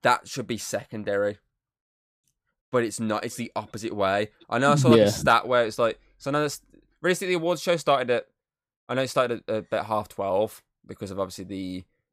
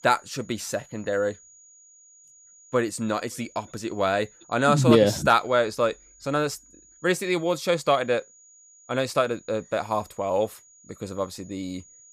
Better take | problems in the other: first | high-pitched whine; faint; throughout; 7 kHz, 25 dB below the speech

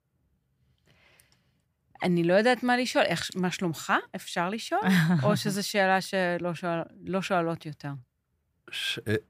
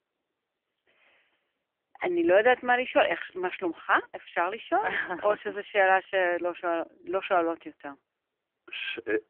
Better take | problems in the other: first | phone-call audio; poor line; nothing above 3.5 kHz

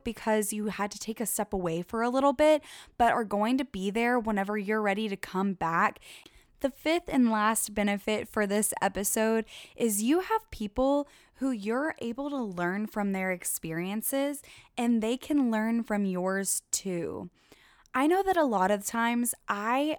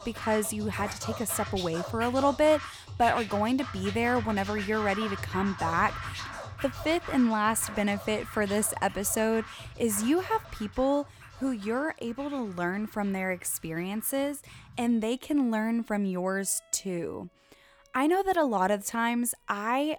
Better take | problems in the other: first | background music; noticeable; throughout; 10 dB below the speech

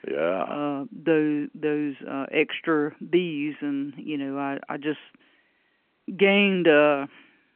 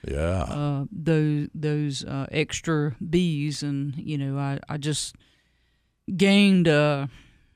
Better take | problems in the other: second | phone-call audio; nothing above 3 kHz

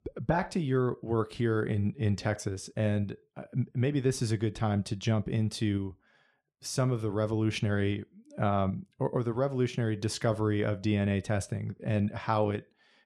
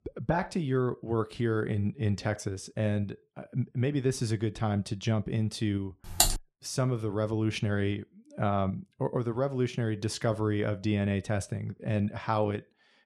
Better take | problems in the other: first | keyboard typing; loud; at 6 s; peak 5 dB above the speech

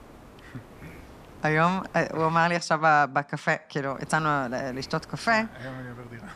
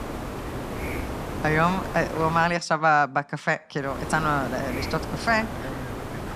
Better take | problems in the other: first | hiss; loud; until 2.5 s and from 4 s on; 8 dB below the speech; faint in the first

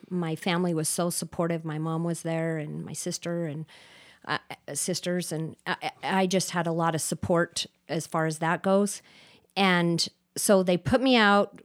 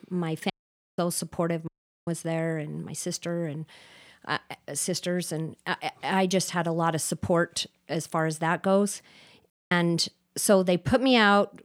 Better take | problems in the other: first | audio cutting out; at 0.5 s, at 1.5 s and at 9.5 s

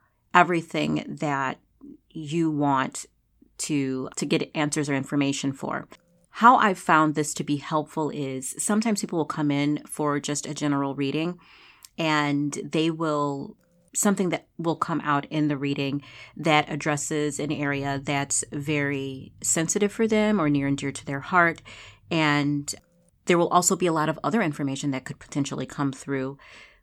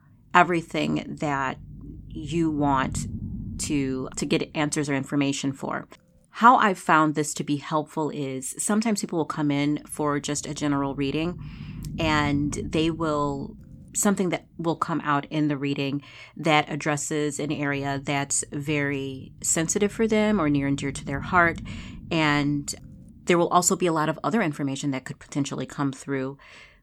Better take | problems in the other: first | low rumble; faint; throughout; 25 dB below the speech

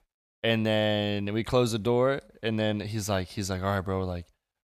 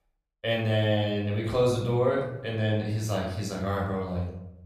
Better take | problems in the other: first | off-mic speech; far // room echo; noticeable; dies away in 0.8 s

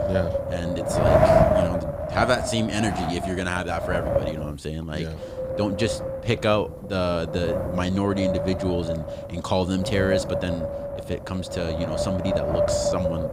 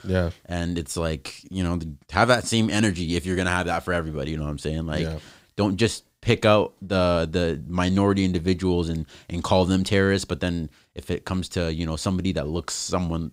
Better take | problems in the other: second | wind noise on the microphone; heavy; 3 dB above the speech

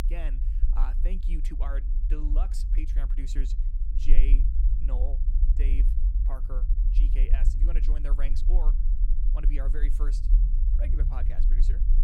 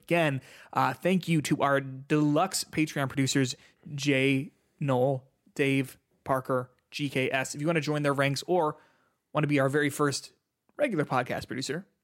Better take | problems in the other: second | low rumble; loud; throughout; 5 dB below the speech

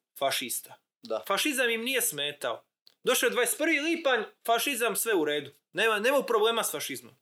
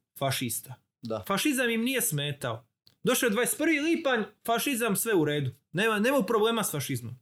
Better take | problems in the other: second | thin; somewhat; fading below 450 Hz

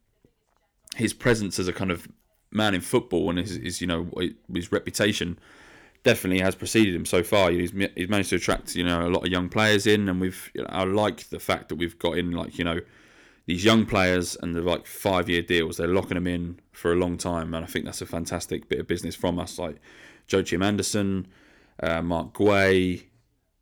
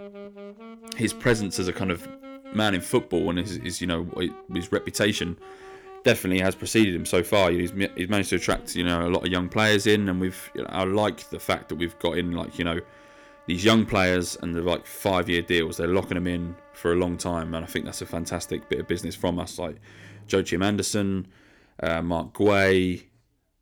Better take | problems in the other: first | background music; faint; throughout; 20 dB below the speech

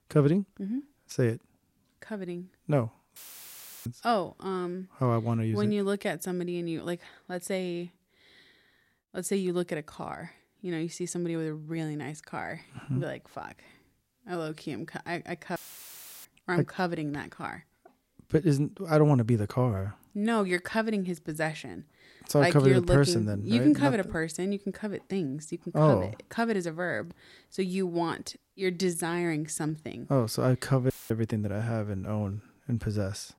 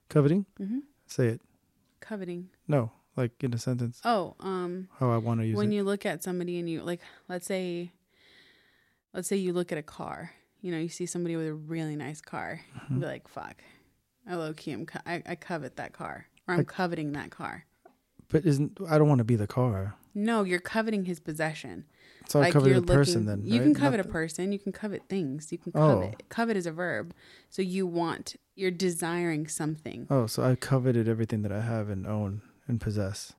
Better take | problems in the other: second | audio cutting out; filled with static; at 3 s for 0.5 s, at 16 s for 0.5 s and at 31 s

